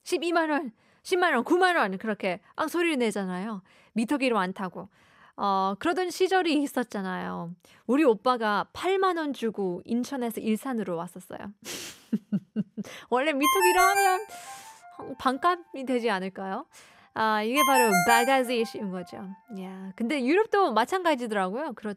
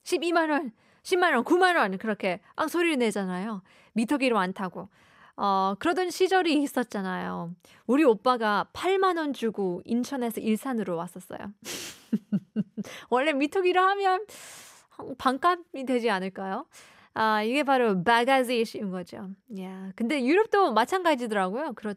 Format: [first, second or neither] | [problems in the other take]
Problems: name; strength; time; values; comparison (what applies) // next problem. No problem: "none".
second | phone ringing; loud; from 13 to 18 s; peak 4 dB above the speech